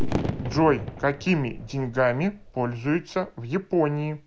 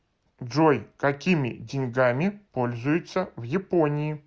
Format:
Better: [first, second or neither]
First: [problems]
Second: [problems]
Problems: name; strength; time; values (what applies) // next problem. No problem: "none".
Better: second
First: background sound (Fireworks); 7 dB below the speech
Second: none